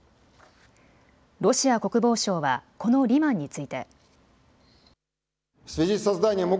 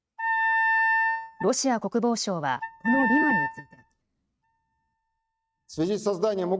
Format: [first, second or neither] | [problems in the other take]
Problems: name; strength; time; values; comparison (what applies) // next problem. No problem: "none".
first | noise reduction (neural mask model RNNoise)